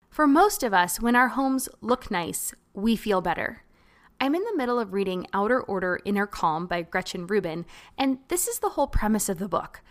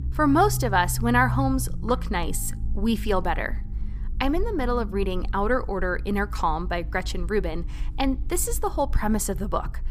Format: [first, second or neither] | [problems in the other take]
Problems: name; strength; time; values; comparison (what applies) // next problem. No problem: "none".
first | low rumble; faint; throughout; 20 dB below the speech